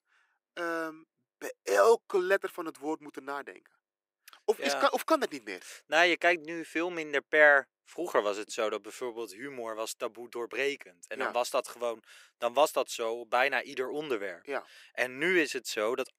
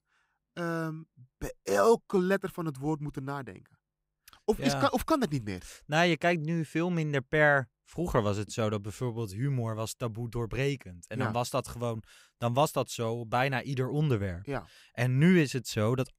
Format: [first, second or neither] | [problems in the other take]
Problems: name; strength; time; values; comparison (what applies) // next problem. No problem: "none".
second | thin; very; fading below 350 Hz